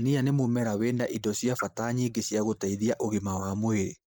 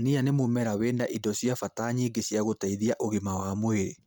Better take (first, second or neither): second